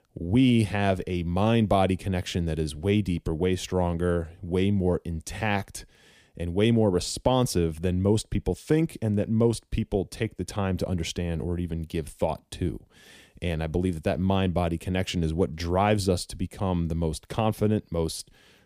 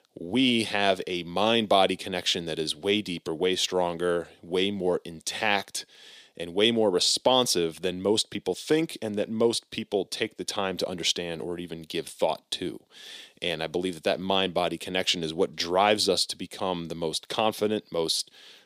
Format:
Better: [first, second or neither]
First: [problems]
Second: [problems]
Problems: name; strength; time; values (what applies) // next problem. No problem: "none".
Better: first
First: none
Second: thin; somewhat; fading below 350 Hz